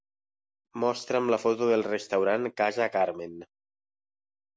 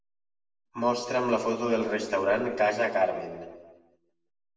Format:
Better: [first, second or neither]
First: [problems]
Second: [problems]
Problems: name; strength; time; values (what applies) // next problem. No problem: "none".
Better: first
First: none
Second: room echo; dies away in 1.3 s